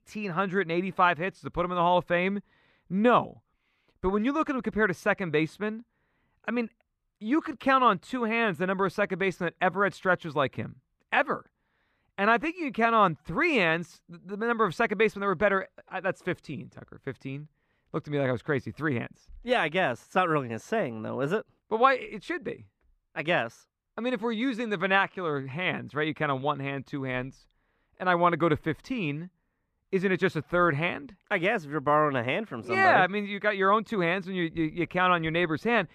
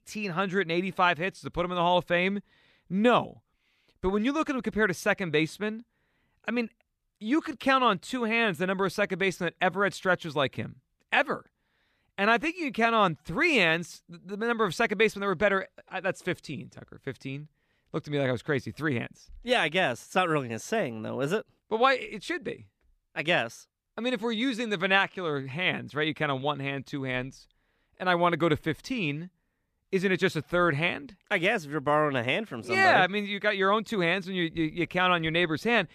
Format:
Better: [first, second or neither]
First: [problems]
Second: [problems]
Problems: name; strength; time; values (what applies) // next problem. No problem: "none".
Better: second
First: muffled; slightly; fading above 3 kHz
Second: none